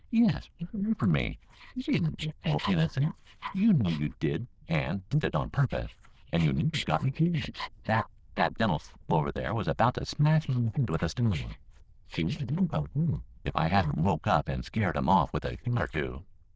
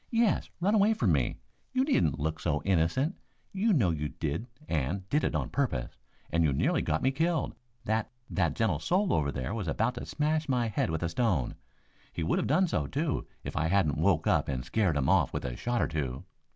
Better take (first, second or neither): second